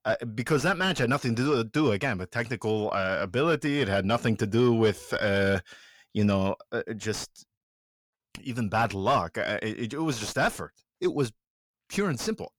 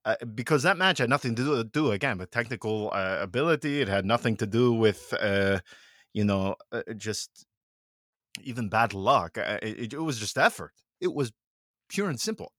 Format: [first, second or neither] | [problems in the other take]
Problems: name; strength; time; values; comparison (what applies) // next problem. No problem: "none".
second | distortion; slight; 10 dB below the speech